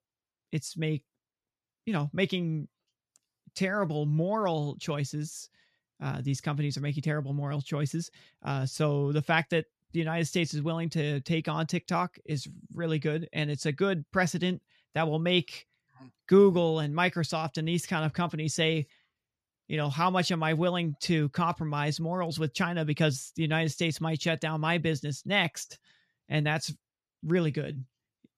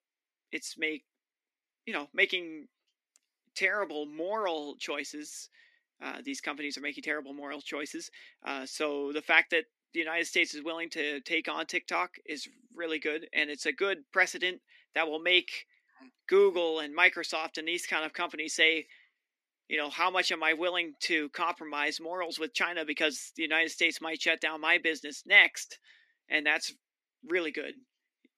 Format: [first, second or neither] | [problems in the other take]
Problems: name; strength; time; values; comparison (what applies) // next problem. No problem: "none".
first | thin; very; fading below 250 Hz